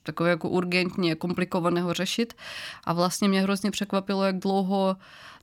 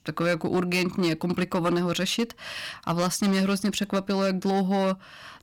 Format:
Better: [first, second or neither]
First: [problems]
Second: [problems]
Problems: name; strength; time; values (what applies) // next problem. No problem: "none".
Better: first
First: none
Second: distortion; slight; 8% of the sound clipped